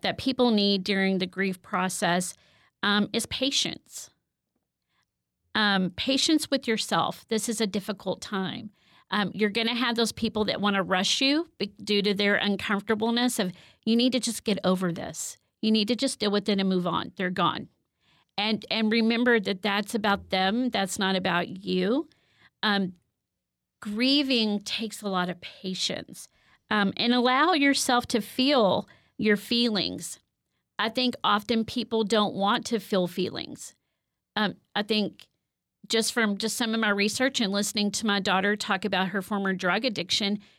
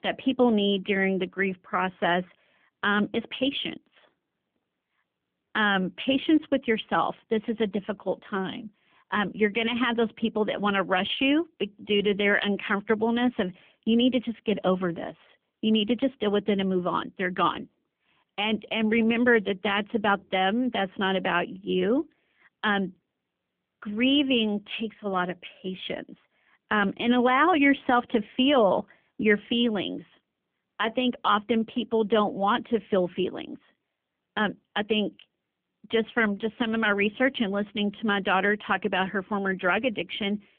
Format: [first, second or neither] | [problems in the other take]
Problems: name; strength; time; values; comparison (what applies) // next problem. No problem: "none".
first | phone-call audio; nothing above 3.5 kHz